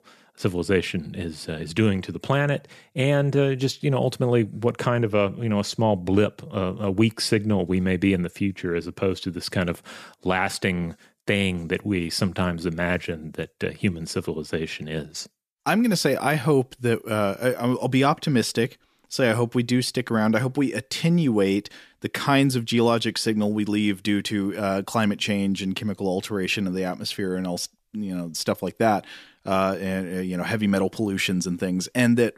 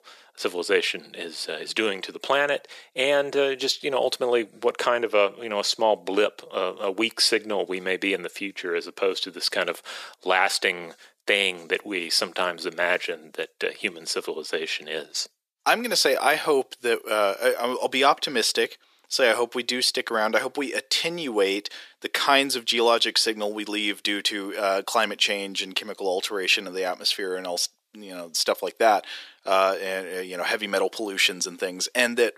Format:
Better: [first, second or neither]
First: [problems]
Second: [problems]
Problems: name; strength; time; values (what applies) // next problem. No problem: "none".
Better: first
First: none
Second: thin; very; fading below 450 Hz